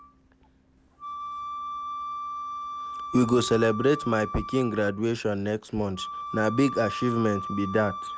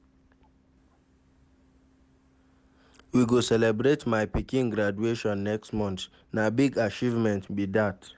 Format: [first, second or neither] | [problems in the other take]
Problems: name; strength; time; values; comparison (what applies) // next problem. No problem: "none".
second | background sound (Wind instrument, woodwind instrument); 9 dB below the speech